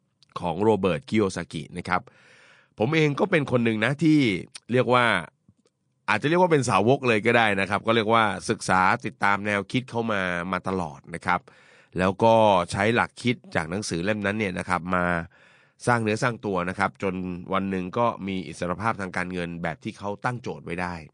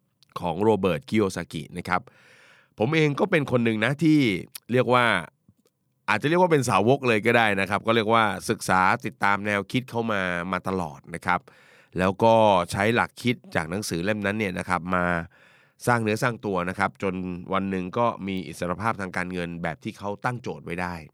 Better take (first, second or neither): second